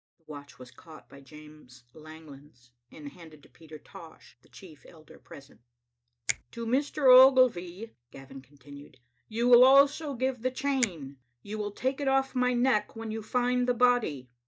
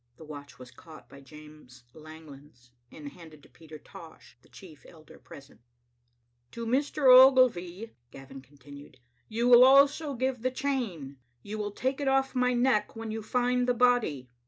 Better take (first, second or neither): second